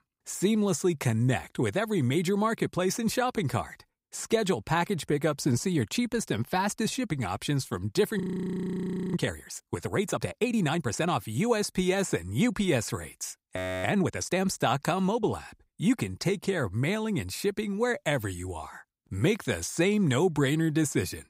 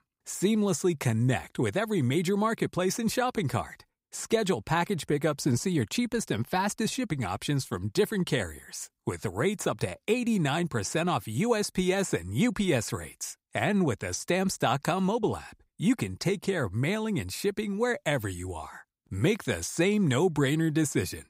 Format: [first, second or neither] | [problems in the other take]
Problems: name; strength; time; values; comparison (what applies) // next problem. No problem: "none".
second | audio freezing; at 8 s for 1 s and at 14 s